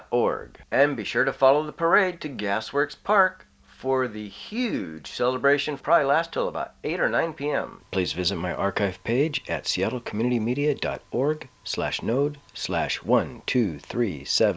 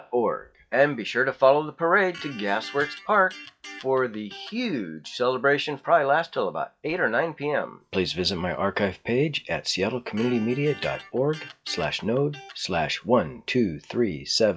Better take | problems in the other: first | noise reduction (classical method WPE with log-MMSE)

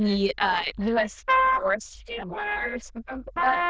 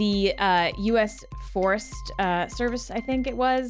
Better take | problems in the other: second | noise reduction (neural diffusion model UNIVERSE++)

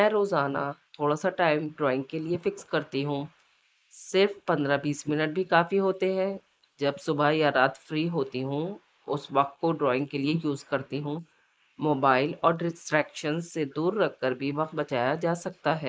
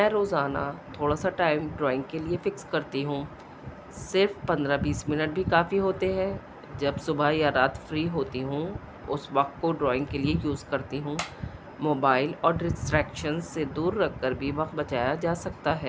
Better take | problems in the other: second | noise reduction (neural mask model Resemble Enhance denoiser)

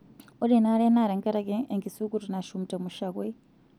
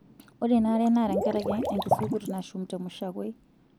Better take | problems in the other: first | background sound (Liquid); 5 dB below the speech

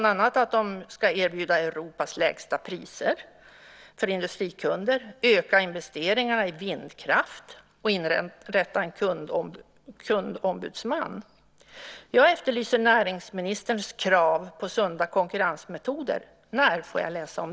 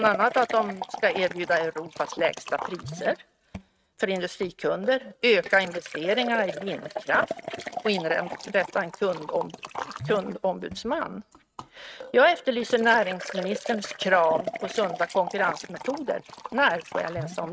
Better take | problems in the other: first | noise reduction (neural mask model RNNoise)

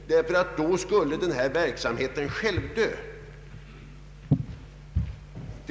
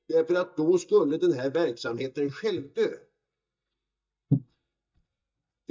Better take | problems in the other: first | noise reduction (neural mask model DeepFilterNet 3)

